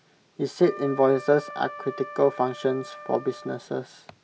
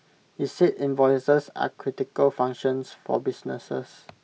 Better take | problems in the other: second | background sound (Wind instrument, woodwind instrument); 15 dB below the speech

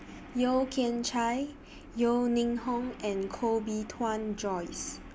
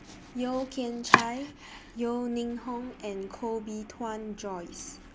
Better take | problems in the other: first | background sound (Domestic sounds, home sounds); as loud as the speech

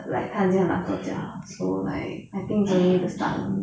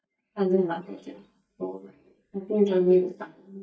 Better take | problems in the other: first | noise reduction (neural mask model DeepFilterNet 3)

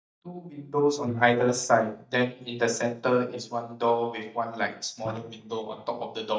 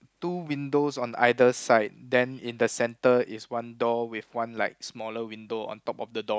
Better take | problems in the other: second | noise reduction (neural mask model DeepFilterNet 3)

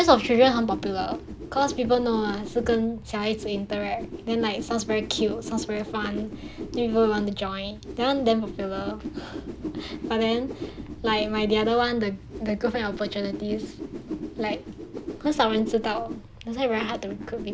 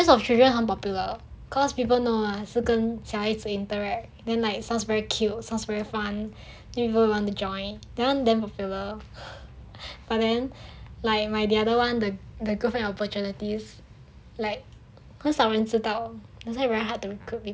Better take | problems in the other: second | background sound (Whoosh, swoosh, swish); 10 dB below the speech

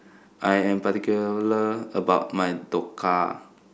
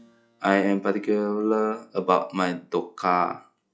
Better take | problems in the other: first | noise reduction (classical method log-MMSE)

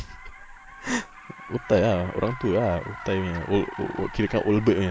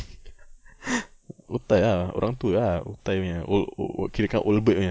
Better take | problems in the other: second | background sound (Car); 15 dB below the speech

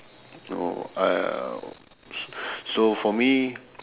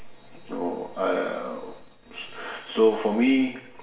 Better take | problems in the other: first | room echo; dies away in 0.7 s

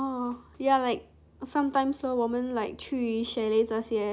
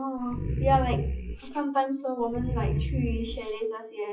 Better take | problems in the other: first | noise reduction (classical method WPE with log-MMSE)

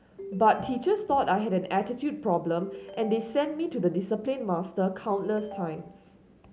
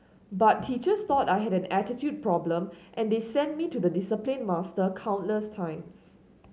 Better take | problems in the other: second | background sound (Ringtone); 15 dB below the speech

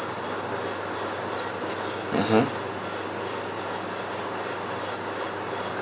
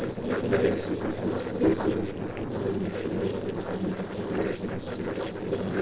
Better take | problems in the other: first | noise reduction (neural separator model SepFormer DNS4)

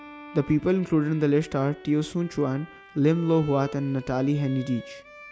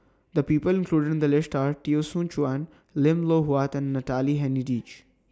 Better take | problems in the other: second | background sound (Bowed string instrument); 19 dB below the speech

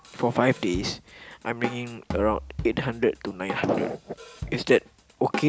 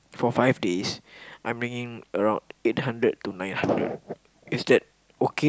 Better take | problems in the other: second | background sound (Drum kit); 12 dB below the speech

